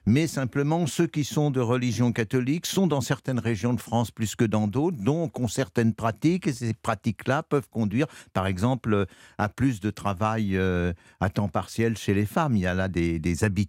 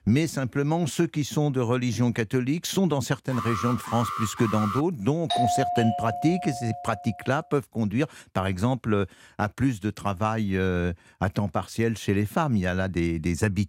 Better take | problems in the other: first | alarm; noticeable; from 3.5 to 5 s; peak 4 dB below the speech // doorbell; loud; from 5.5 to 7 s; peak 1 dB above the speech

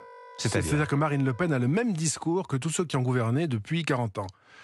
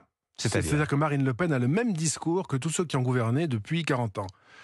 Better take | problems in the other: second | background music; faint; until 1.5 s; 20 dB below the speech

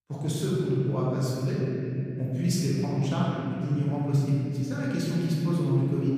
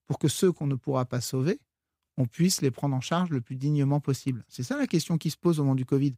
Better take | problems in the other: second | room echo; strong; dies away in 3 s // off-mic speech; far

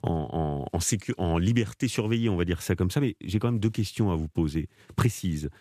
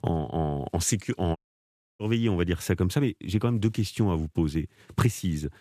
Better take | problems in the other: first | audio cutting out; at 1.5 s for 0.5 s

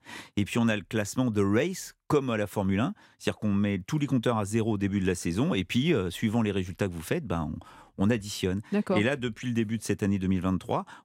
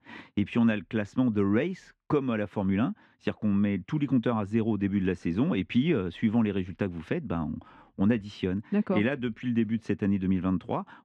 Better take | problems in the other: first | muffled; slightly; fading above 2.5 kHz

